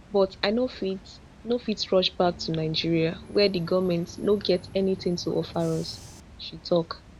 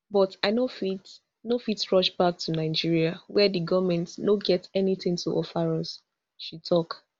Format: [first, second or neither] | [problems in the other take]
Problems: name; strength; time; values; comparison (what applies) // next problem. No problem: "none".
second | background sound (Water + Bus / Engine); 19 dB below the speech